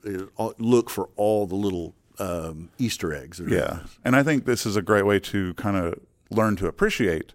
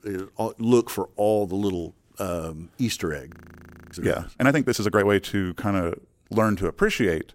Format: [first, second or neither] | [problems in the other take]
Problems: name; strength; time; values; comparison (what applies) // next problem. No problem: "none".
first | audio freezing; at 3.5 s for 0.5 s